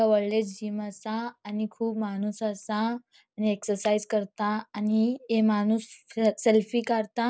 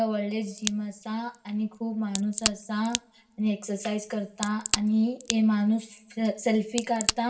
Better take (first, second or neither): first